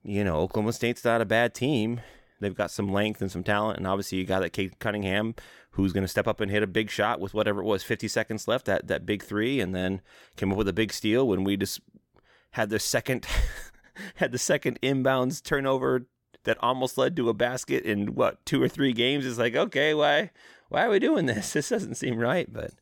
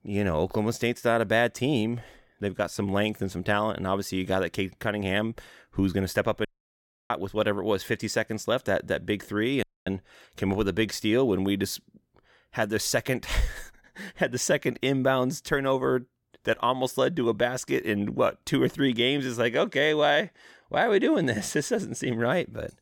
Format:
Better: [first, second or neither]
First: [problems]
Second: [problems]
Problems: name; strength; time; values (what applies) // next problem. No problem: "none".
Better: first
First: none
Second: audio cutting out; at 6.5 s for 0.5 s and at 9.5 s